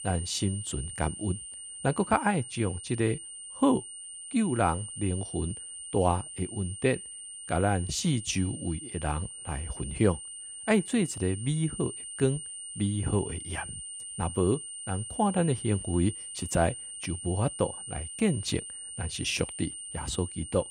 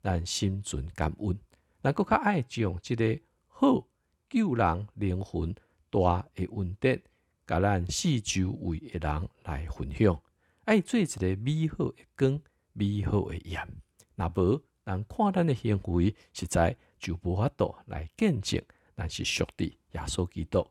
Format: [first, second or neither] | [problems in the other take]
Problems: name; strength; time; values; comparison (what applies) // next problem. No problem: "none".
second | high-pitched whine; loud; throughout; 9 kHz, 8 dB below the speech